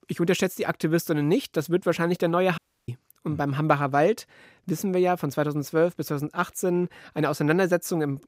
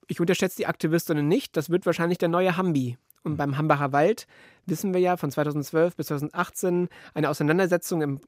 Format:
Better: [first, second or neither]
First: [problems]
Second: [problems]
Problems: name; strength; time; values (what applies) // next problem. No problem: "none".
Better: second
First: audio cutting out; at 2.5 s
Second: none